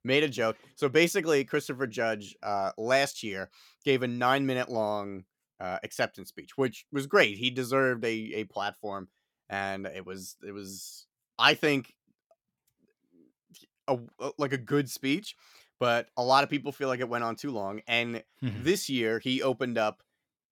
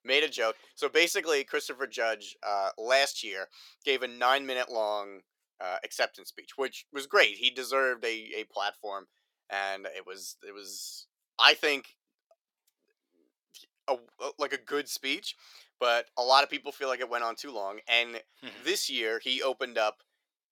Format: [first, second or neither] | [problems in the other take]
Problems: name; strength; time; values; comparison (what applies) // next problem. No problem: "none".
first | thin; somewhat; fading below 450 Hz